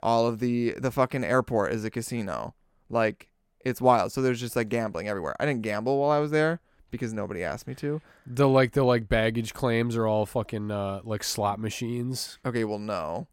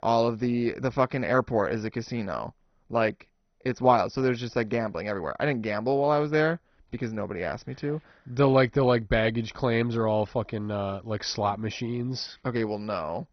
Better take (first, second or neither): first